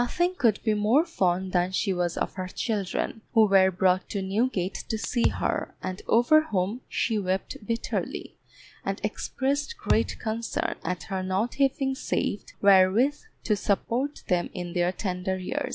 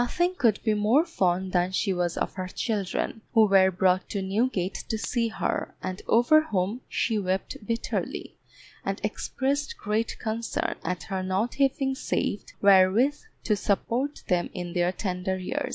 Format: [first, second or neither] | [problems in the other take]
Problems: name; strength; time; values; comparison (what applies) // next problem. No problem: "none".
second | background sound (Thump, thud); 5 dB below the speech